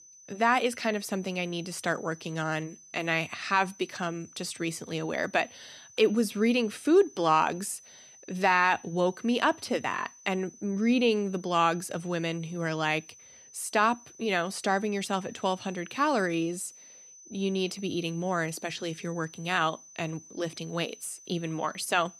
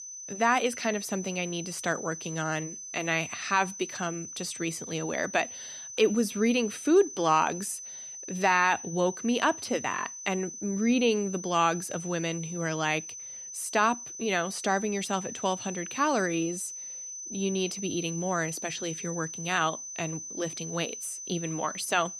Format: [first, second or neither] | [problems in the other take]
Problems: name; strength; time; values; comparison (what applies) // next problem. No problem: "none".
first | high-pitched whine; loud; throughout; 6 kHz, 9 dB below the speech; faint in the first